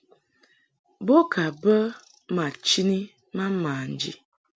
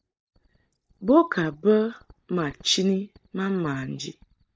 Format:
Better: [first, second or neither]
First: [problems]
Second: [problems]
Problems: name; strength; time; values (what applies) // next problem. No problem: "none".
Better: first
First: none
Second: noise reduction (neural mask model DeepFilterNet 3)